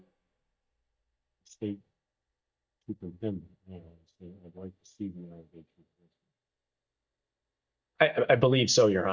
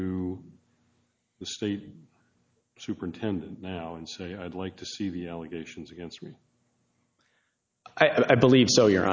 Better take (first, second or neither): second